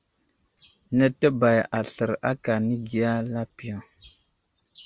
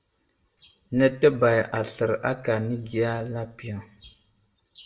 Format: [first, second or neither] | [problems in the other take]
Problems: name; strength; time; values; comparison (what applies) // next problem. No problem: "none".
first | room echo; dies away in 0.4 s